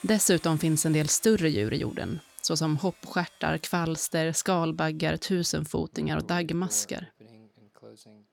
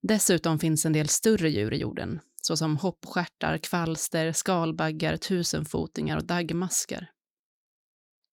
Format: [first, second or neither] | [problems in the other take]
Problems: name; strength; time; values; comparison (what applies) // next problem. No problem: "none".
second | household noises; faint; throughout; 25 dB below the speech